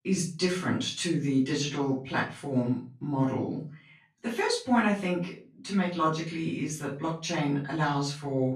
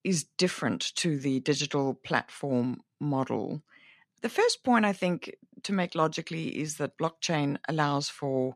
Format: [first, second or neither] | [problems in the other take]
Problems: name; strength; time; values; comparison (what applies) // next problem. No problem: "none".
second | room echo; slight; dies away in 0.3 s // off-mic speech; far